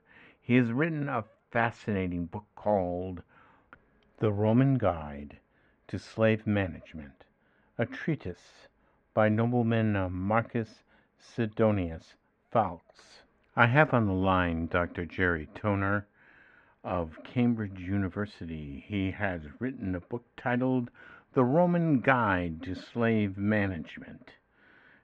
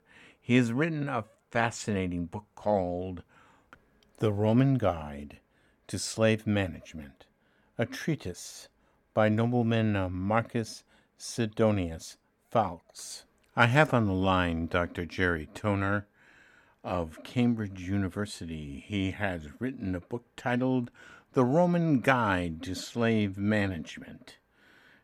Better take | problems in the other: second | muffled; very; fading above 2 kHz

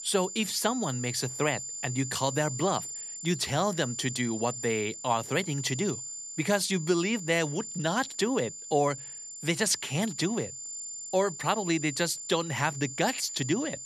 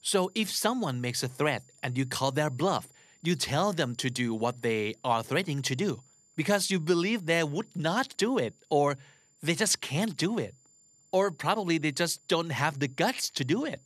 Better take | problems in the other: second | high-pitched whine; loud; throughout; 7 kHz, 8 dB below the speech; faint in the second

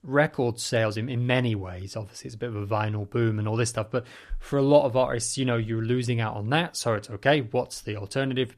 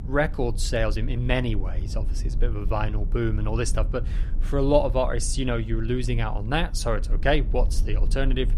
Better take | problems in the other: first | low rumble; faint; throughout; 20 dB below the speech

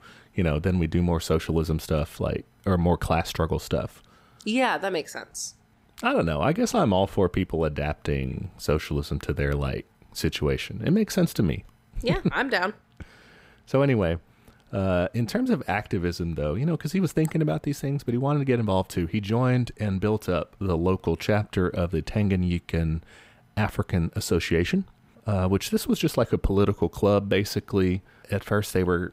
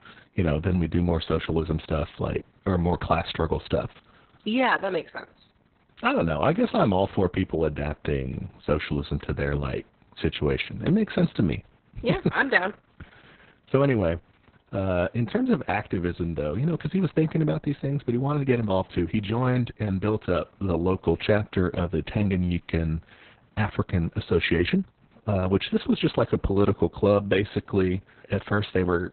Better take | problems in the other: first | garbled, watery; badly; nothing above 4 kHz

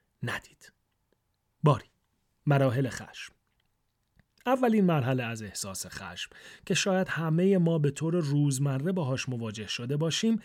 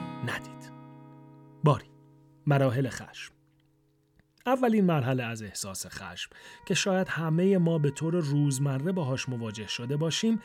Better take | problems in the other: first | background music; faint; throughout; 25 dB below the speech

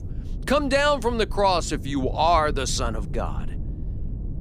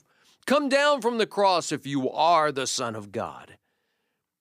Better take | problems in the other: second | low rumble; faint; throughout; 25 dB below the speech

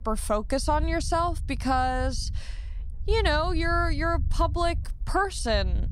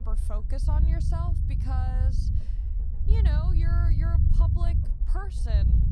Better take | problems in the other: first | low rumble; loud; throughout; 2 dB below the speech; faint in the first

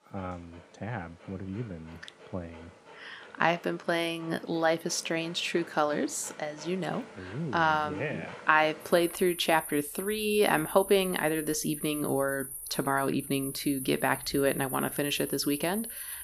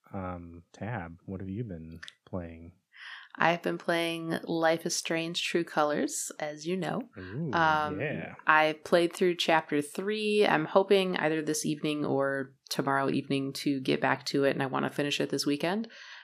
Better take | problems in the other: second | animal sounds; noticeable; throughout; 10 dB below the speech

